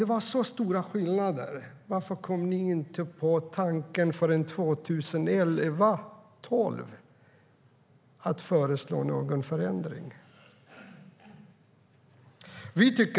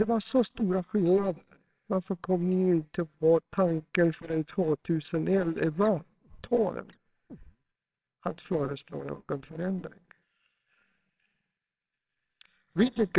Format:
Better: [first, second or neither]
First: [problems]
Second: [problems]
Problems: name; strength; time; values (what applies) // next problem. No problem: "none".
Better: first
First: none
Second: noise reduction (neural separator model SepFormer WHAMR!)